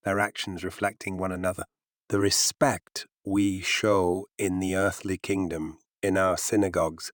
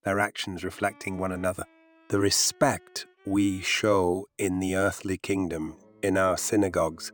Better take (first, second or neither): first